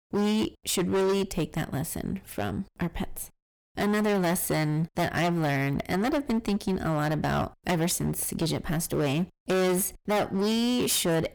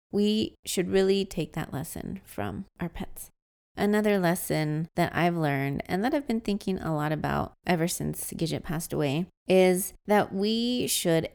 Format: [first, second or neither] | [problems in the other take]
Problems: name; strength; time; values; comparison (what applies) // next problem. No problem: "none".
second | distortion; heavy; 18% of the sound clipped